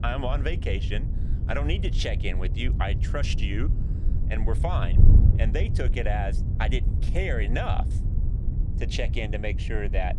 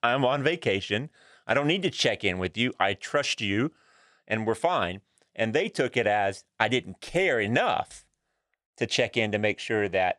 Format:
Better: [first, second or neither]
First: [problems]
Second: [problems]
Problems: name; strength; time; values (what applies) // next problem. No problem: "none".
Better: second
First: wind noise on the microphone; heavy; 9 dB below the speech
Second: none